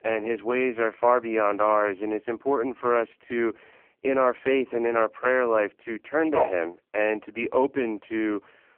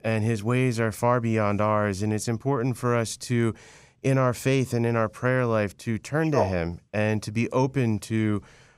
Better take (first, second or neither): second